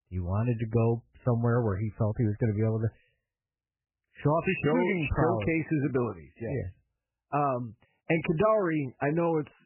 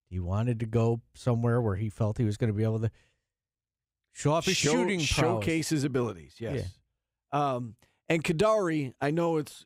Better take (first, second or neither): second